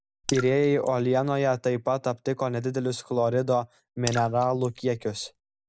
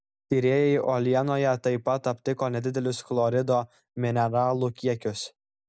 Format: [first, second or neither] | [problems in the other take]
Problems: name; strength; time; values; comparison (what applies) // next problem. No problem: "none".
second | background sound (Raindrop / Splash, splatter); 14 dB below the speech